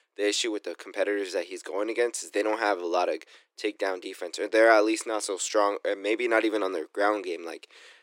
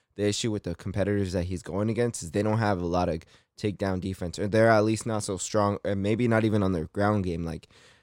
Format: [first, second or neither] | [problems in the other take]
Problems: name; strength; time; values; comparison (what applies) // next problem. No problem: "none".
second | thin; very; fading below 300 Hz